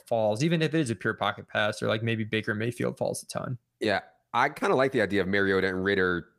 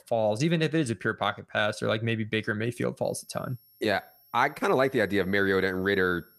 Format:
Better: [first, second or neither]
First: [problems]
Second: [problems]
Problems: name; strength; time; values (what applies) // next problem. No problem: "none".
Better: first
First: none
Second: high-pitched whine; faint; from 3 s on; 11.5 kHz, 30 dB below the speech